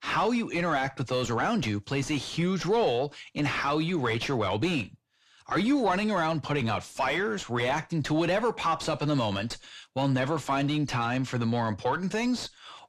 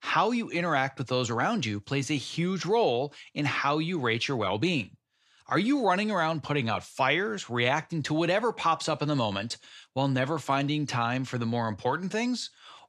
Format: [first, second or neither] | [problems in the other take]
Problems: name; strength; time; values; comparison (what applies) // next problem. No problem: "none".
second | distortion; slight; 9 dB below the speech